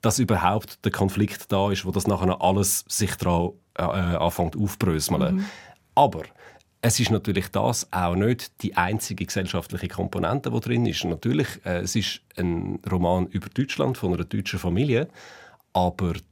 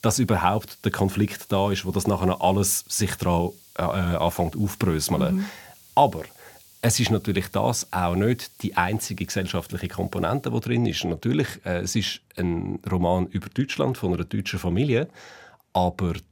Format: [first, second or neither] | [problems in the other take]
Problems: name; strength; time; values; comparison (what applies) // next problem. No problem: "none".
first | hiss; faint; until 11 s; 25 dB below the speech